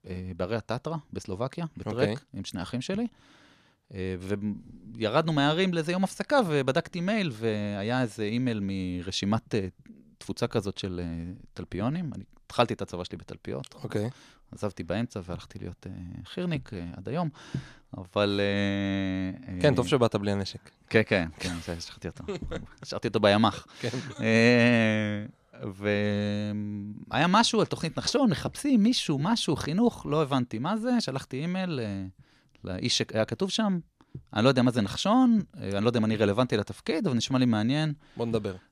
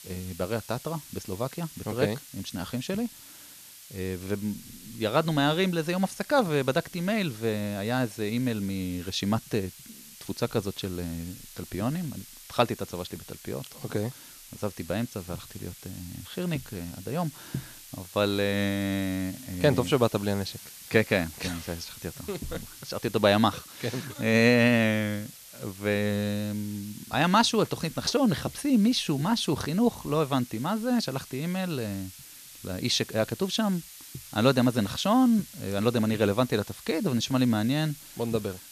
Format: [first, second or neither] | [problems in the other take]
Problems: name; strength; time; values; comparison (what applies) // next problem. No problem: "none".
first | hiss; noticeable; throughout; 15 dB below the speech